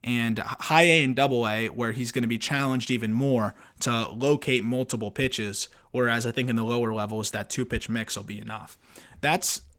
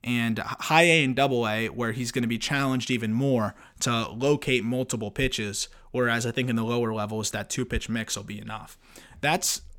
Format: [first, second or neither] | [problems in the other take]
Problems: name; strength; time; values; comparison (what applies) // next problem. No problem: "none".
second | garbled, watery; slightly; nothing above 16.5 kHz